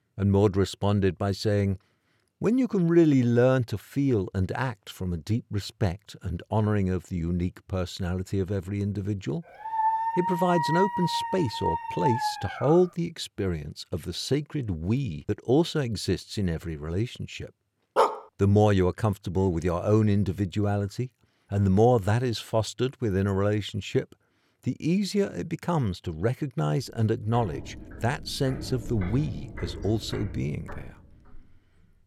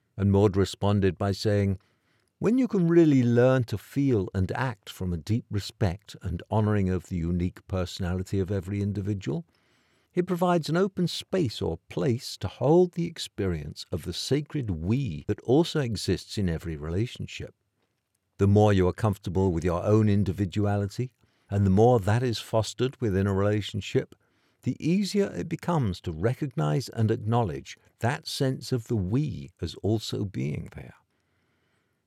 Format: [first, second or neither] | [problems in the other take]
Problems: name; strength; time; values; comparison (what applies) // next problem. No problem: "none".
second | dog barking; loud; from 9.5 to 13 s and at 18 s; peak 2 dB above the speech // footsteps; faint; from 27 to 32 s; peak 10 dB below the speech